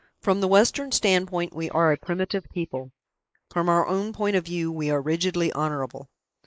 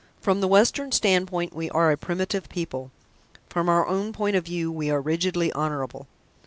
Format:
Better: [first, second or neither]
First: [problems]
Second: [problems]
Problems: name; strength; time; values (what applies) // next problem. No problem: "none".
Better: second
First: noise reduction (neural mask model Resemble Enhance denoiser)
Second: none